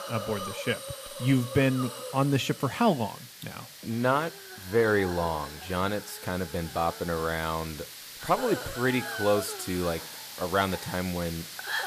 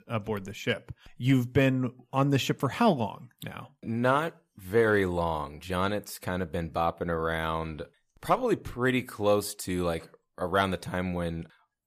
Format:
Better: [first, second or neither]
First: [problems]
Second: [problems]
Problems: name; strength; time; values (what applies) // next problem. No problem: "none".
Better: second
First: hiss; loud; throughout; 10 dB below the speech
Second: none